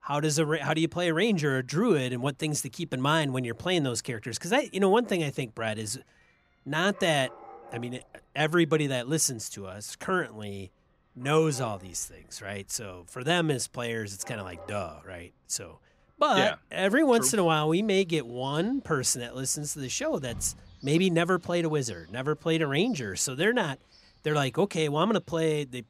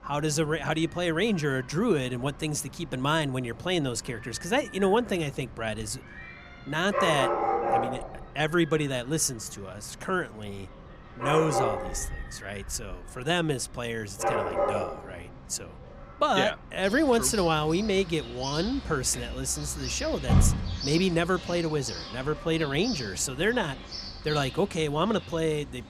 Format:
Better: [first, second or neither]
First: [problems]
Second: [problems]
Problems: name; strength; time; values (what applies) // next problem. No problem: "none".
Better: first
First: animal sounds; faint; throughout; 25 dB below the speech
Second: animal sounds; loud; throughout; 5 dB below the speech